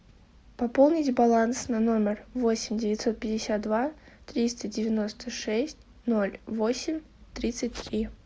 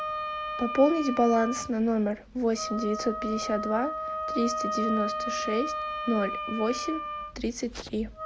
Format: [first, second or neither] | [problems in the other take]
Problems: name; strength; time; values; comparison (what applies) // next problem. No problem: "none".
first | background sound (Wind instrument, woodwind instrument); 5 dB below the speech